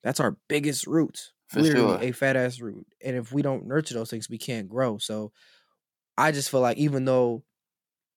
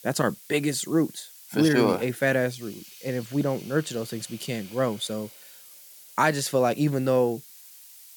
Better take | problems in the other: first | hiss; noticeable; throughout; 20 dB below the speech

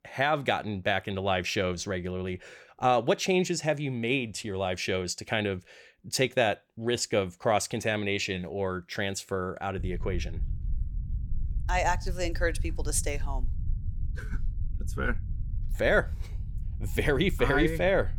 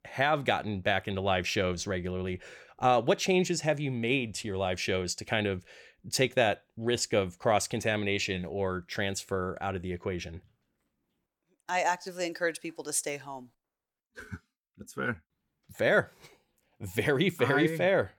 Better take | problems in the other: second | low rumble; faint; from 10 s on; 25 dB below the speech

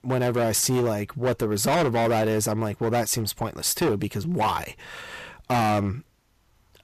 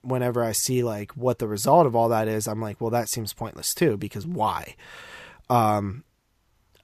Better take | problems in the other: second | distortion; heavy; 14% of the sound clipped

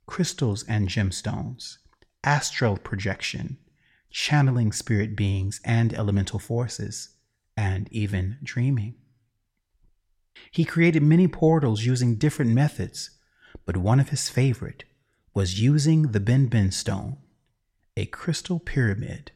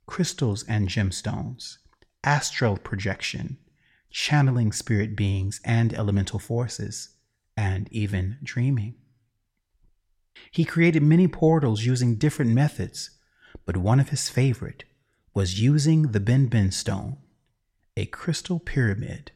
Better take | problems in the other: neither | none

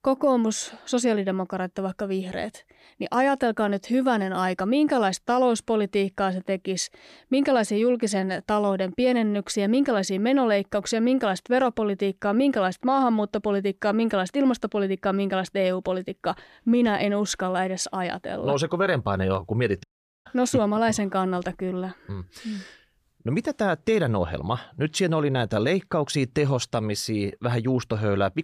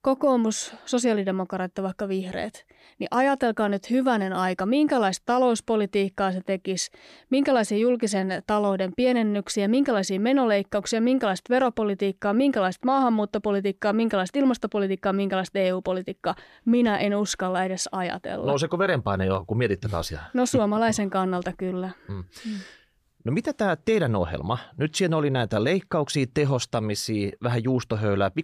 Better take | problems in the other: second | audio cutting out; at 20 s

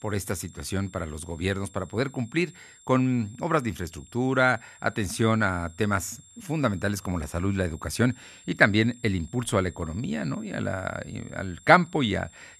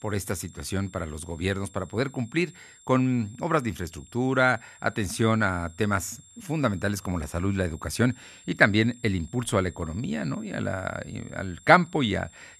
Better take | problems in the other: neither | high-pitched whine; faint; throughout; 7.5 kHz, 25 dB below the speech; the same in both

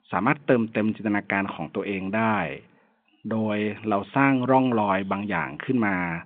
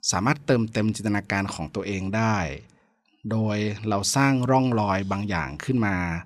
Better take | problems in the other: second | phone-call audio

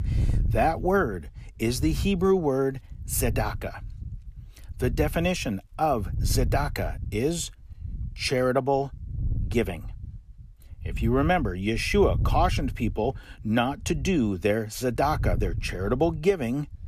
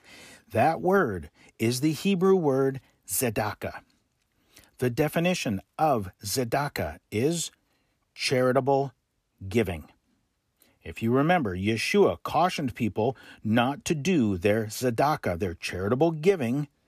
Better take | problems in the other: second | wind noise on the microphone; occasional gusts; 20 dB below the speech

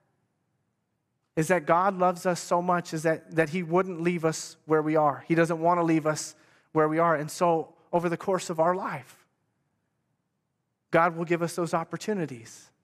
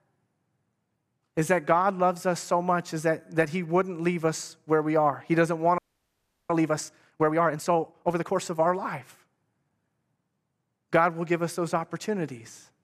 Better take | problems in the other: first | audio freezing; at 6 s for 0.5 s

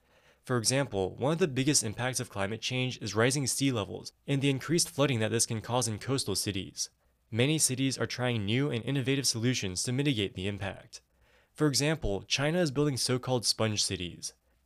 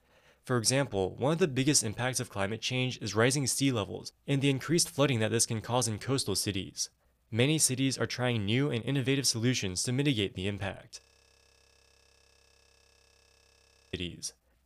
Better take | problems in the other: first | audio freezing; at 11 s for 3 s

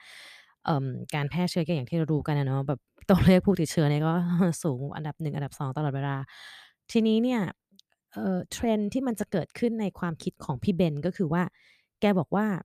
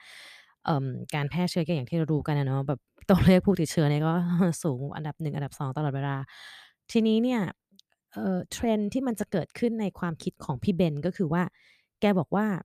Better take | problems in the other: neither | none

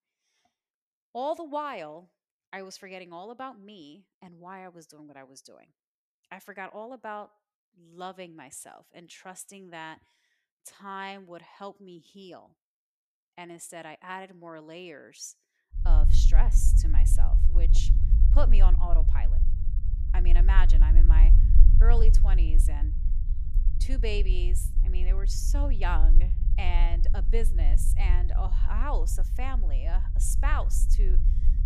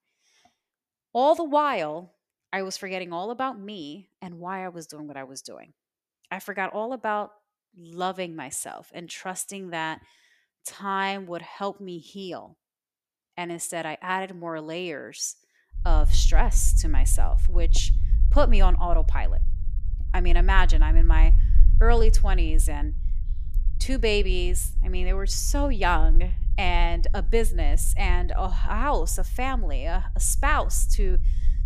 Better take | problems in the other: second | low rumble; loud; from 16 s on; 10 dB below the speech; faint in the second

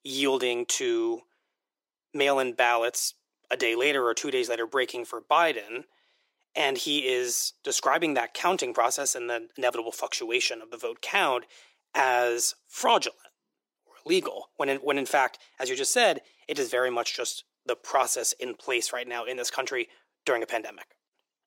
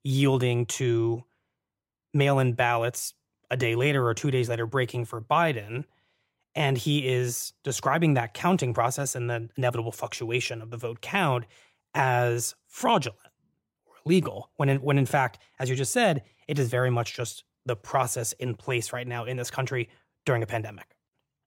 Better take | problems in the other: second | thin; very; fading below 300 Hz

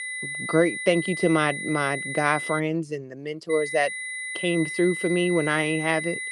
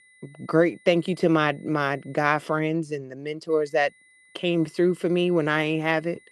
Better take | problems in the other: second | high-pitched whine; loud; until 2.5 s and from 3.5 s on; 2 kHz, 6 dB below the speech; faint in the second

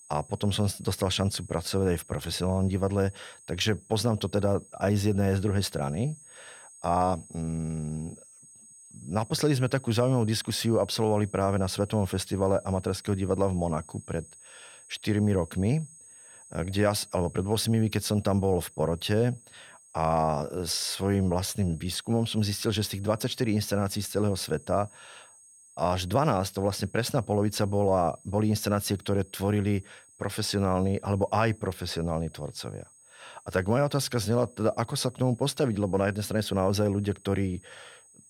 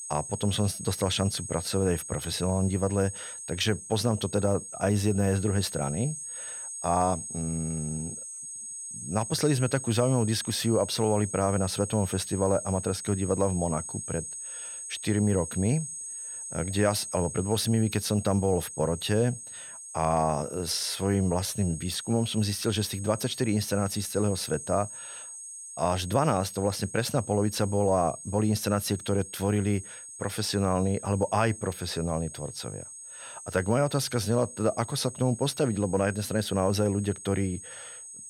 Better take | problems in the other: first | high-pitched whine; loud; throughout; 8.5 kHz, 10 dB below the speech; faint in the first

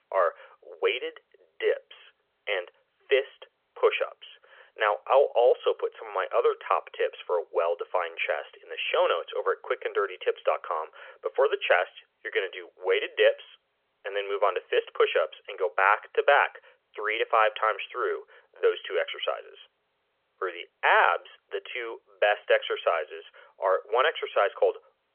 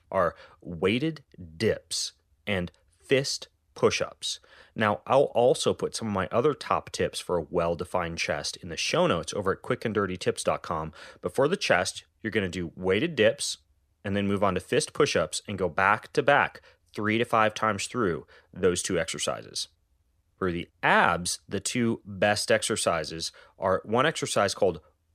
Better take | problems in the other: second | phone-call audio; nothing above 3.5 kHz

